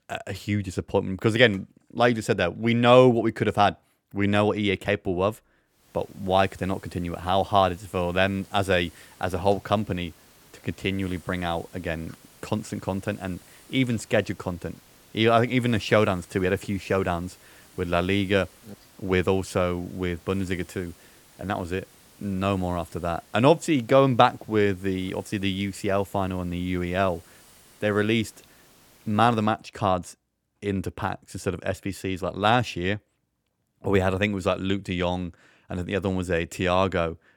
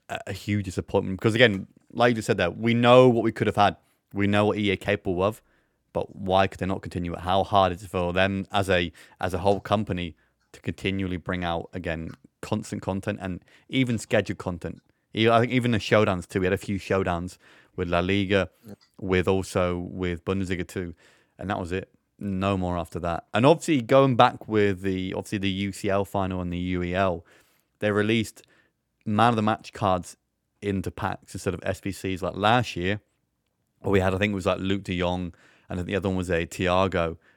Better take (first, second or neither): second